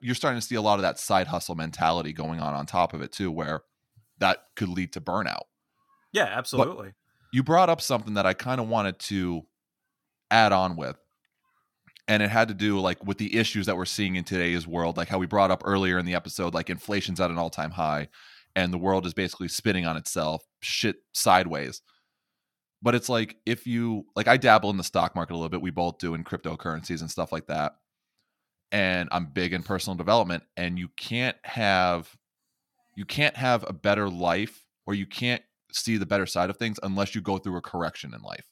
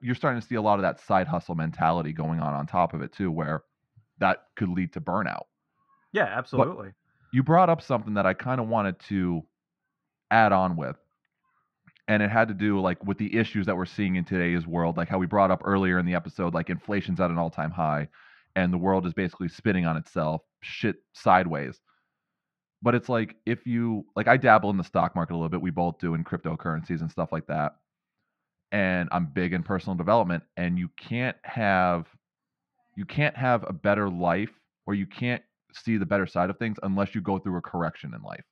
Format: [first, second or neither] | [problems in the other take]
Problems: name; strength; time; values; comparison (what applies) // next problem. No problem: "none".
first | muffled; very; fading above 1.5 kHz